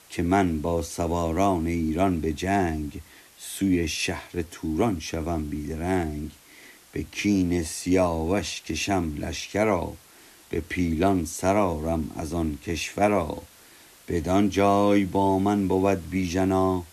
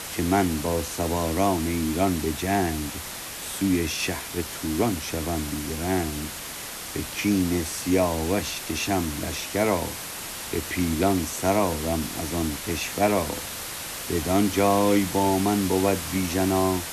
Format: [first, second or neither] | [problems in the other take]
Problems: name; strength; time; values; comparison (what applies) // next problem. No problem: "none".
first | hiss; loud; throughout; 7 dB below the speech; faint in the first